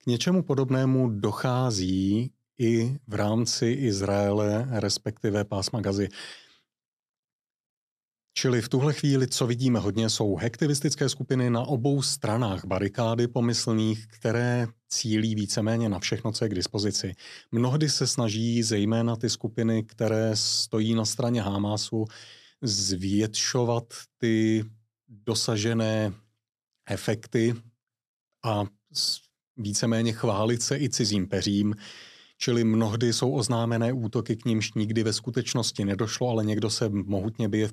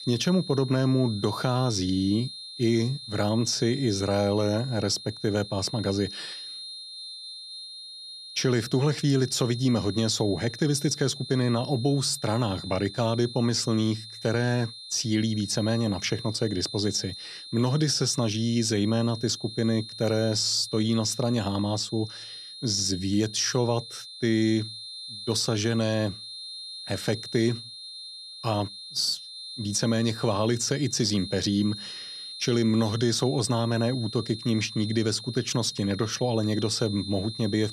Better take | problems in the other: first | high-pitched whine; noticeable; throughout; 4 kHz, 10 dB below the speech

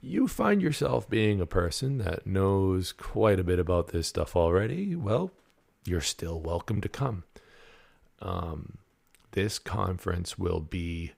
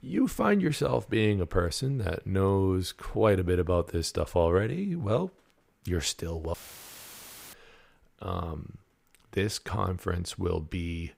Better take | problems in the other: first | audio cutting out; filled with static; at 6.5 s for 1 s

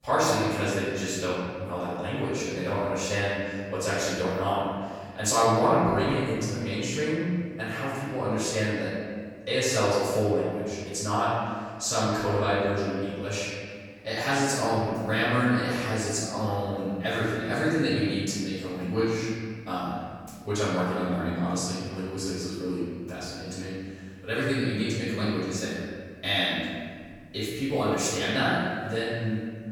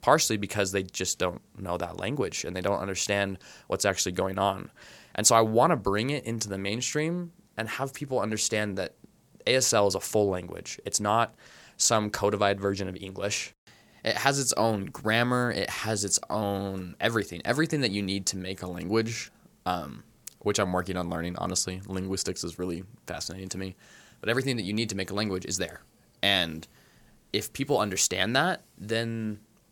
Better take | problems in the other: second | room echo; strong; dies away in 1.8 s // off-mic speech; far

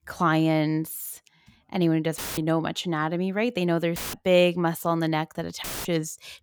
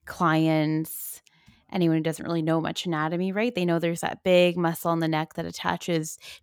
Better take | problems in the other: second | audio cutting out; filled with static; at 2 s, at 4 s and at 5.5 s

